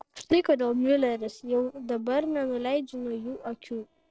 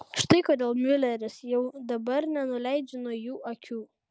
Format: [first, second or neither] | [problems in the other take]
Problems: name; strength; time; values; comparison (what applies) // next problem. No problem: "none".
second | noise reduction (neural separator model SepFormer DNS4)